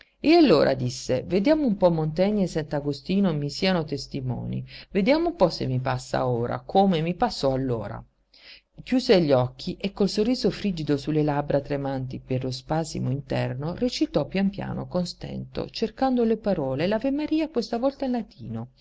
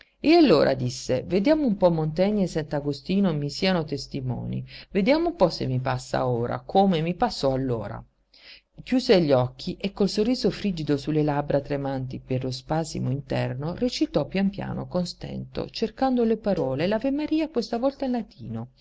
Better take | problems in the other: first | background sound (Cowbell); 15 dB below the speech

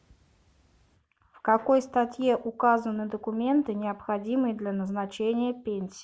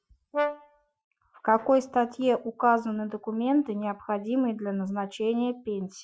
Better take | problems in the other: first | noise reduction (classical method Wiener filter)

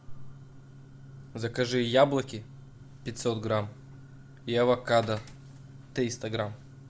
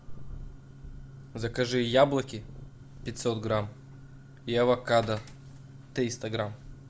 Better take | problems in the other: first | background sound (Purr); 19 dB below the speech

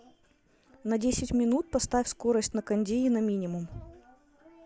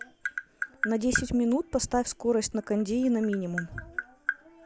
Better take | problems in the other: first | background sound (Tap); 9 dB below the speech

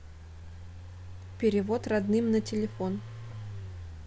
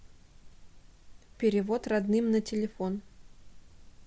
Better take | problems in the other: second | background sound (Engine); 11 dB below the speech

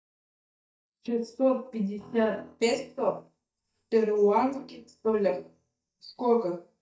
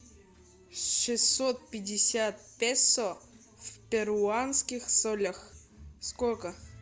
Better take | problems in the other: second | noise reduction (neural mask model DeepFilterNet 3)

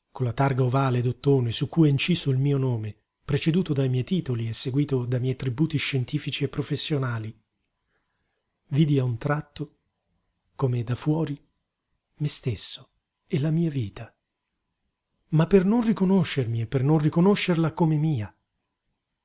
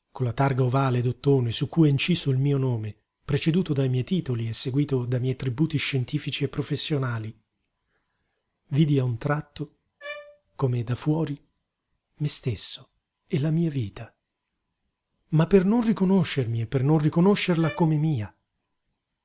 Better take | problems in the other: first | background sound (Bowed string instrument); 19 dB below the speech

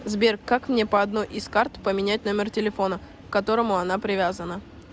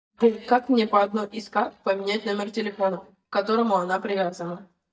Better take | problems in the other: first | noise reduction (neural mask model DeepFilterNet 3)

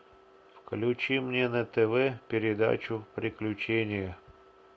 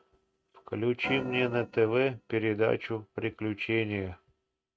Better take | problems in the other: first | noise reduction (neural mask model RNNoise)

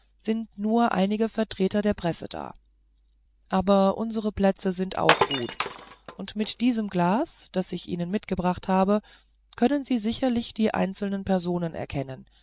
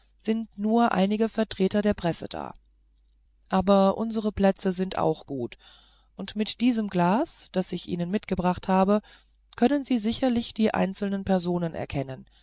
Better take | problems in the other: second | background sound (Glass); 3 dB below the speech

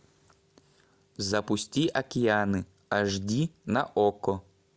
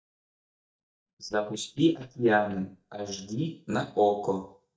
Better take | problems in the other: first | noise reduction (neural mask model DeepFilterNet 3)

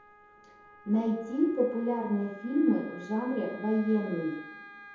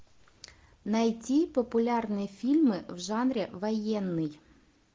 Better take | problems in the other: second | background sound (Wind instrument, woodwind instrument); 19 dB below the speech // room echo; dies away in 0.7 s

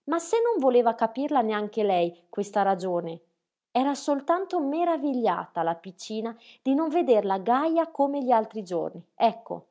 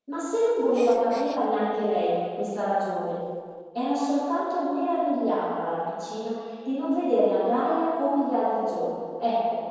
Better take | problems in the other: first | noise reduction (neural separator model SepFormer DNS4)

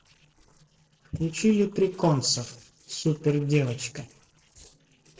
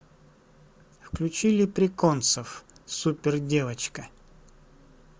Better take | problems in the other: second | noise reduction (neural separator model SepFormer DNS4)

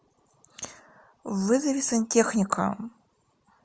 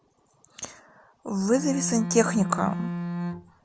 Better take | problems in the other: first | background sound (Bowed string instrument); 4 dB below the speech

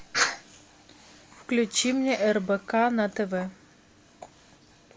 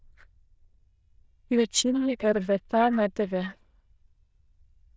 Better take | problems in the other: first | noise reduction (neural diffusion model UNIVERSE++)

